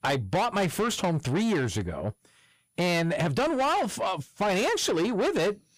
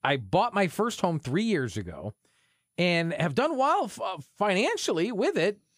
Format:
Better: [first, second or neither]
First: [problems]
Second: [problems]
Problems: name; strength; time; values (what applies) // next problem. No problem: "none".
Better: second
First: distortion; heavy; 7 dB below the speech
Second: none